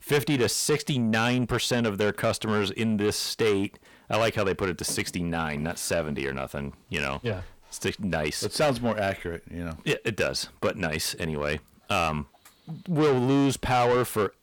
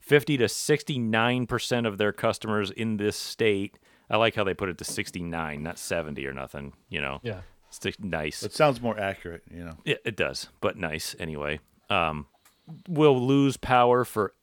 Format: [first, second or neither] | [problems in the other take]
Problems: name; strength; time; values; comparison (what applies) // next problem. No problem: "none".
second | distortion; heavy; 7 dB below the speech